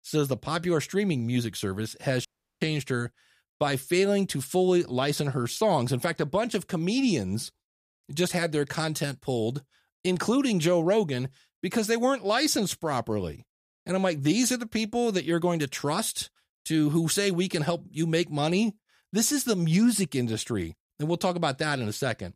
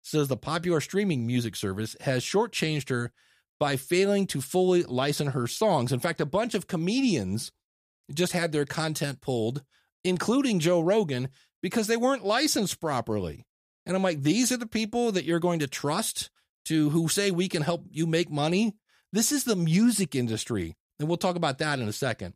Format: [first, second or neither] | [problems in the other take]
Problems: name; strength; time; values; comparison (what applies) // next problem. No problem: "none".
second | audio cutting out; at 2.5 s